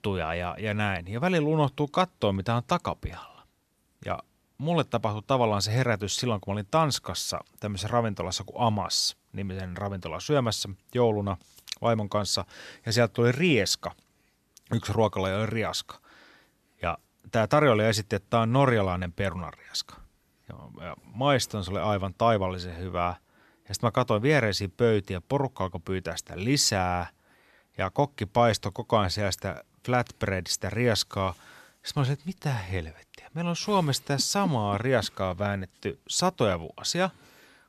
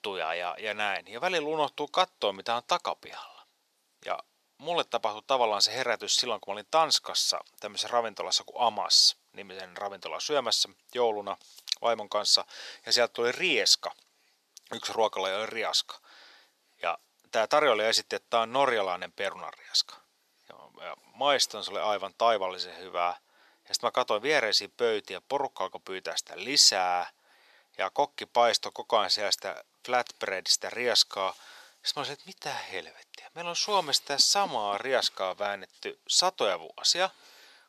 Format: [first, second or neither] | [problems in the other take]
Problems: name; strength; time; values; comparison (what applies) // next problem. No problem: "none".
first | thin; very; fading below 550 Hz